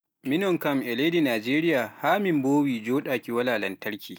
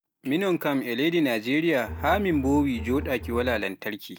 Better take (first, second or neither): first